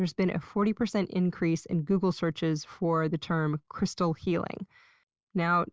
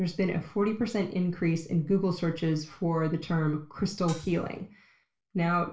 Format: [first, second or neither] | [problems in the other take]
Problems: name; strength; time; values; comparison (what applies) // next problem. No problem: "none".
first | background sound (Hi-hat); 19 dB below the speech // room echo; dies away in 0.3 s